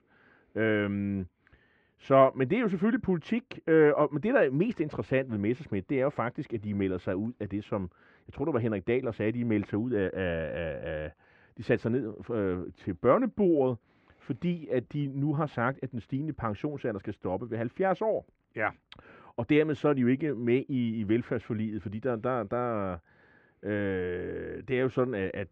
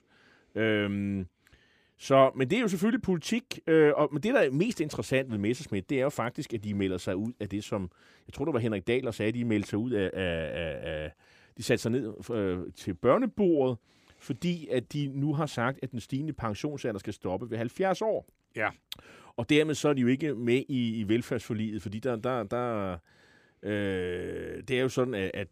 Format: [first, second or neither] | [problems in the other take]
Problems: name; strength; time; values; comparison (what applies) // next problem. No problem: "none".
second | muffled; very; fading above 1.5 kHz